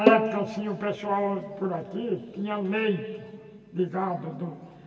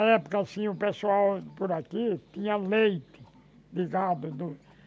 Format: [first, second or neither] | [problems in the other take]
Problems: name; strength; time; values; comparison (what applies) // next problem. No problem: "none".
second | background sound (Bowed string instrument); as loud as the speech // room echo; dies away in 2.3 s